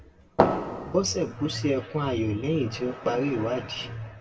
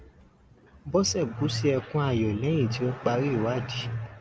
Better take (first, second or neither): second